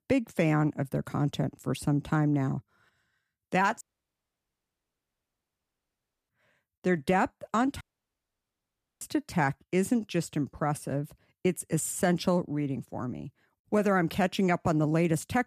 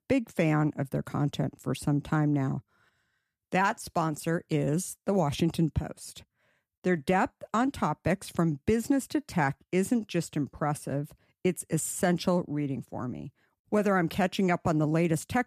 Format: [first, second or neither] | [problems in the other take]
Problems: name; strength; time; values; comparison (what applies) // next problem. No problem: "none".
second | audio cutting out; at 4 s for 2.5 s and at 8 s for 1 s